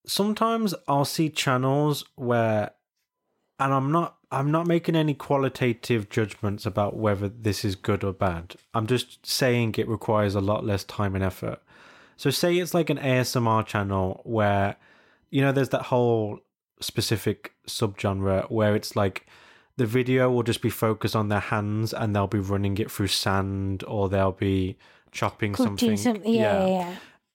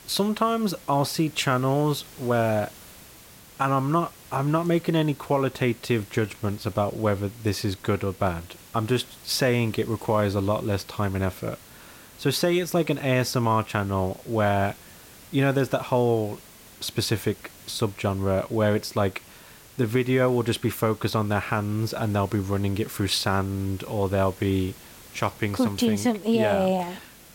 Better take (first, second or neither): first